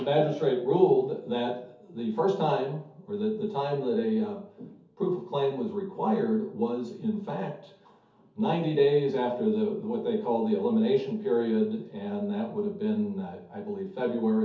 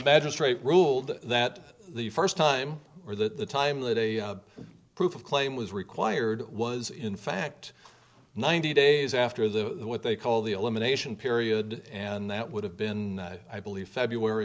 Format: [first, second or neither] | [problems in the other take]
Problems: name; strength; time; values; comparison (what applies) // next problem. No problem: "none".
second | room echo; dies away in 0.5 s